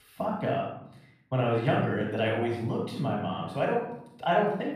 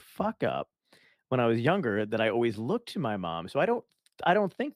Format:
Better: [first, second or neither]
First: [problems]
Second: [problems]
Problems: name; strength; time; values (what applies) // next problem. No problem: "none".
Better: second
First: off-mic speech; far // room echo; noticeable; dies away in 0.6 s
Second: none